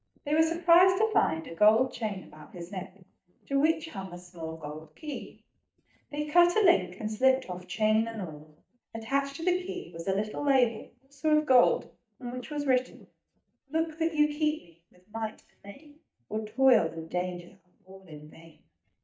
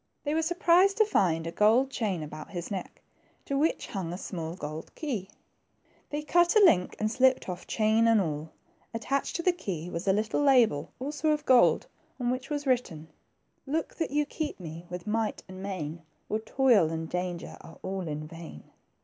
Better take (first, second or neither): second